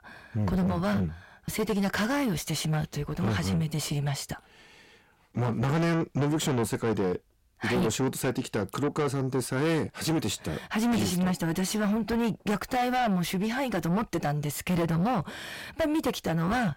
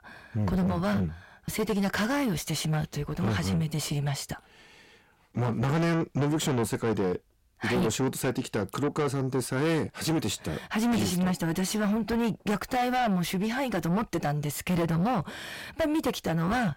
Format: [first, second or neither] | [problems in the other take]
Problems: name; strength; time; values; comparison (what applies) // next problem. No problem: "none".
neither | distortion; heavy; 6 dB below the speech; the same in both